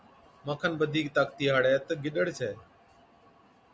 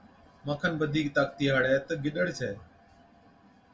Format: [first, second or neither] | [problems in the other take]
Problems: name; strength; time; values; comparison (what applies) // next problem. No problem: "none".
first | room echo; dies away in 0.2 s